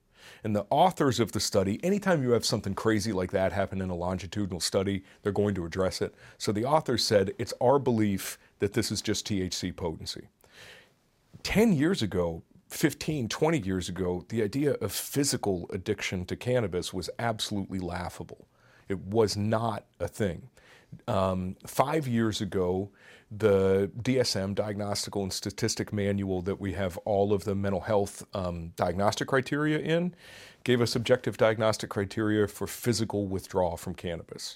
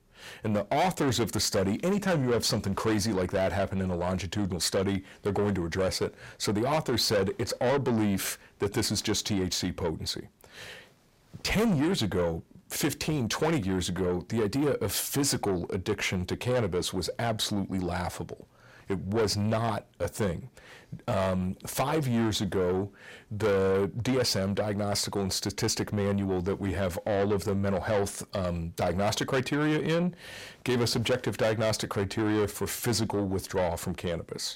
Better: first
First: none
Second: distortion; heavy; 8 dB below the speech

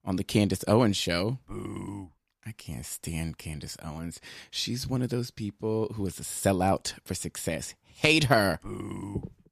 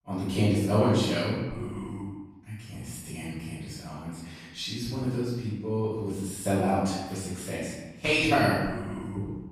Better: first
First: none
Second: off-mic speech; far // room echo; strong; dies away in 1.1 s

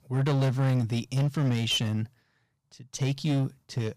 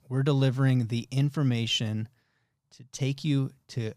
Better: second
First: distortion; slight; 12% of the sound clipped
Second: none

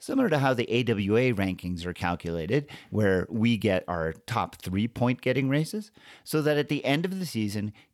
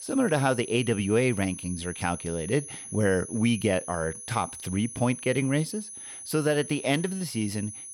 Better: first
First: none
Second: high-pitched whine; noticeable; throughout; 10 kHz, 10 dB below the speech

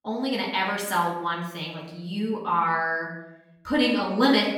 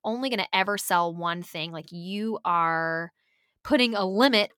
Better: second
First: off-mic speech; far // room echo; noticeable; dies away in 0.8 s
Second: none

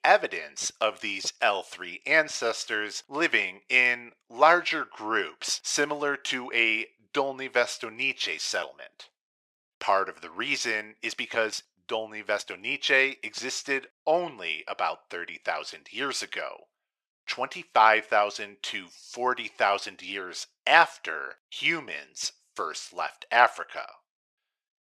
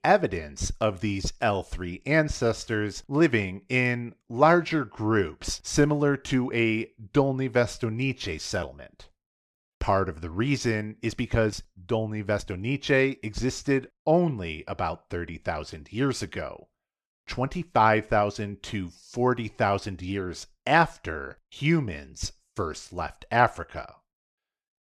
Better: second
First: thin; very; fading below 650 Hz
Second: none

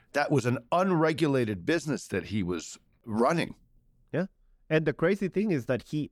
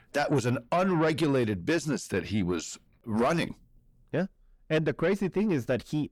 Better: first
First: none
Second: distortion; slight; 10 dB below the speech

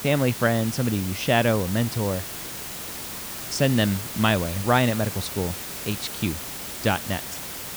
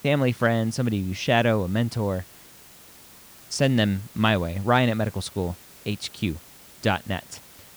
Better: second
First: hiss; loud; throughout; 7 dB below the speech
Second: hiss; faint; throughout; 20 dB below the speech

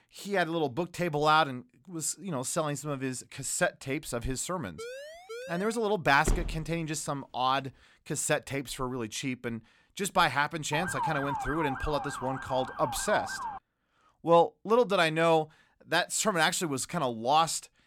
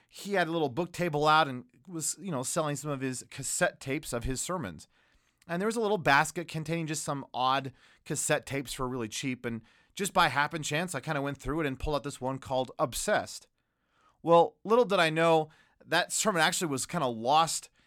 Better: second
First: siren; faint; from 5 to 6 s; peak 10 dB below the speech // door banging; noticeable; at 6.5 s; peak 5 dB below the speech // siren; noticeable; from 11 to 14 s; peak 3 dB below the speech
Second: none

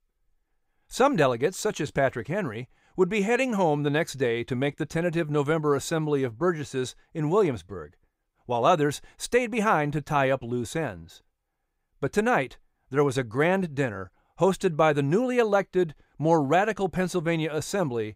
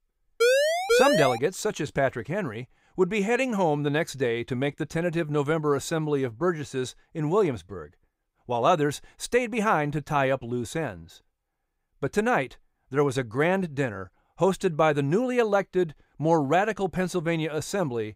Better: first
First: none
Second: siren; loud; at 0.5 s; peak 5 dB above the speech

